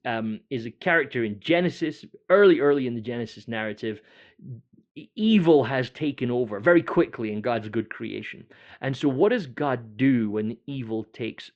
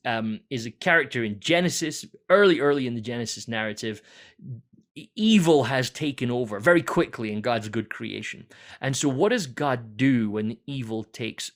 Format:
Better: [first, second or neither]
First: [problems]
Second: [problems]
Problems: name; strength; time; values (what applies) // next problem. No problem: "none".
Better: second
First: muffled; slightly; fading above 3.5 kHz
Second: none